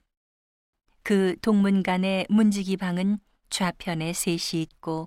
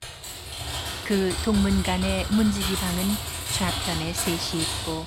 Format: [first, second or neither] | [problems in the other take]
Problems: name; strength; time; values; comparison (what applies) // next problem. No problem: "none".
first | keyboard typing; loud; peak level with the speech